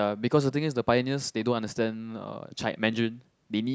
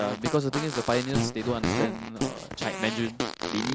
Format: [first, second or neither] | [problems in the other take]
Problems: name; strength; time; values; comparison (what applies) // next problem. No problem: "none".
first | background sound (Fart); 2 dB below the speech